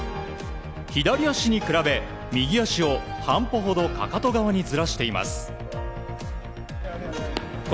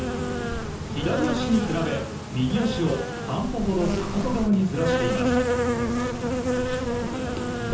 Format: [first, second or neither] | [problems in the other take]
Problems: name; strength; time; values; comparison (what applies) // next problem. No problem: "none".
first | background sound (Insect); as loud as the speech // room echo; dies away in 0.6 s